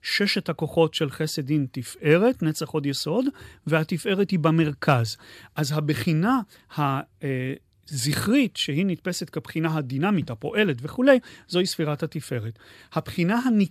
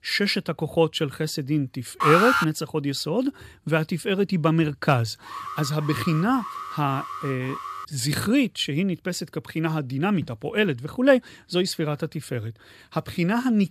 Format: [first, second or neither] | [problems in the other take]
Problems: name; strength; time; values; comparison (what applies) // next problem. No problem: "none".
first | alarm; loud; at 2 s; peak 5 dB above the speech // alarm; noticeable; from 5 to 8 s; peak 10 dB below the speech